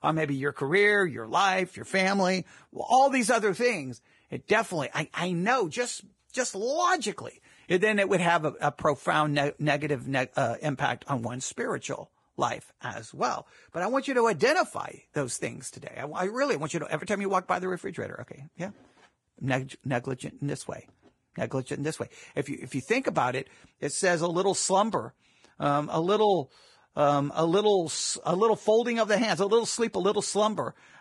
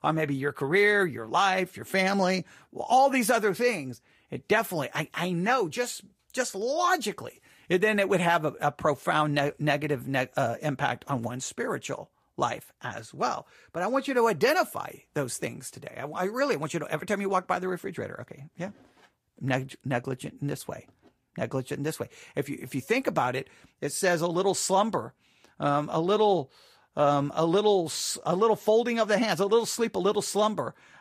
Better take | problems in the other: second | garbled, watery; badly; nothing above 10 kHz; slightly in the second

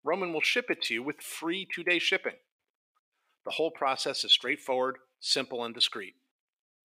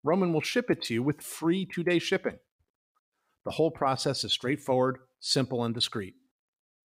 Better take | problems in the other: second | thin; somewhat; fading below 400 Hz

